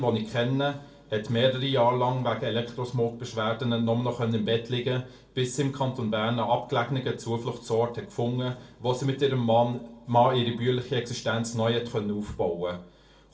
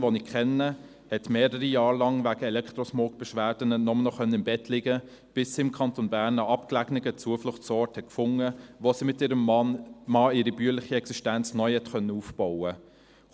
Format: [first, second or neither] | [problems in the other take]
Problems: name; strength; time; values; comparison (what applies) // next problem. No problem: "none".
second | room echo; dies away in 0.3 s